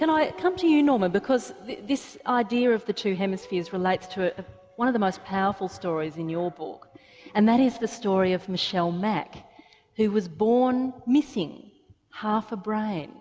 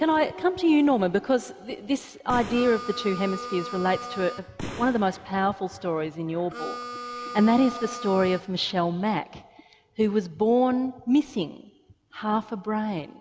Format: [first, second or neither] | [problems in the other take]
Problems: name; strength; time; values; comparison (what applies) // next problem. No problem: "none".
first | background sound (Harmonica + Boom); 11 dB below the speech